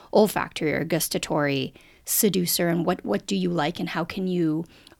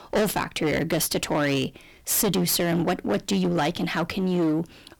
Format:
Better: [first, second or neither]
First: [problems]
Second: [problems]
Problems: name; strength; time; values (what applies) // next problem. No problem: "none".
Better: first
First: none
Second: distortion; heavy; 18% of the sound clipped